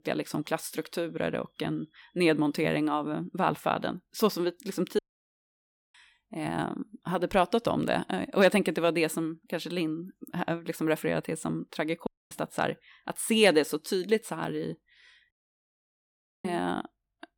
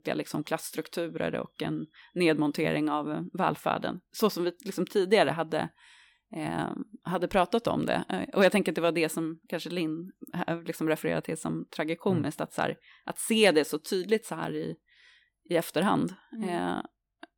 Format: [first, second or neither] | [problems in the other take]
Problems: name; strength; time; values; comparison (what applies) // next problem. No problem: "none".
second | audio cutting out; at 5 s for 1 s, at 12 s and at 15 s for 1 s